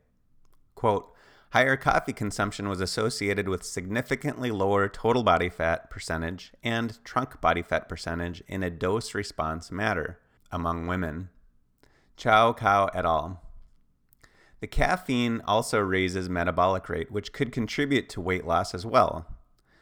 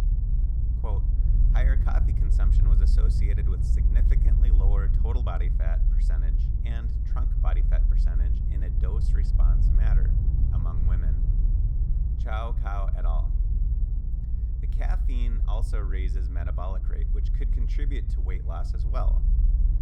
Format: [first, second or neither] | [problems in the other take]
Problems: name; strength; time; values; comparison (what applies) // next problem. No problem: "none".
first | low rumble; loud; throughout; 4 dB below the speech